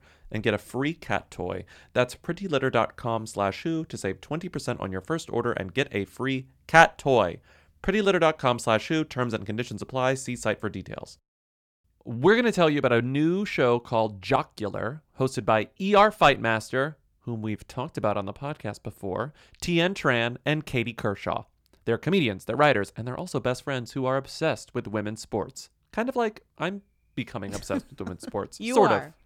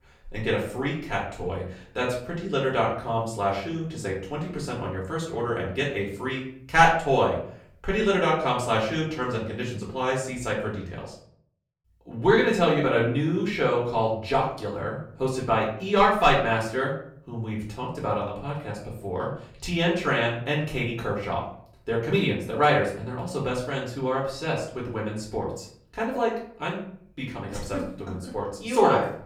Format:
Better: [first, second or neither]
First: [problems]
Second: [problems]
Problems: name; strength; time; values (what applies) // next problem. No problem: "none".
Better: first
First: none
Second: room echo; slight; dies away in 0.5 s // off-mic speech; far